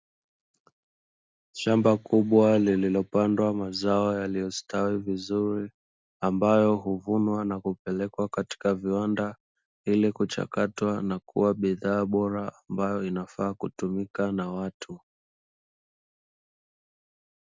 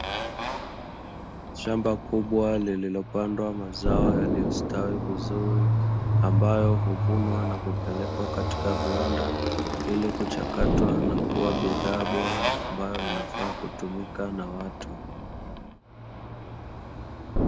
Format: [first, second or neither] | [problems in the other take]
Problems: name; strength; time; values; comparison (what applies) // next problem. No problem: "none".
first | background sound (Explosion + Motorcycle); 3 dB above the speech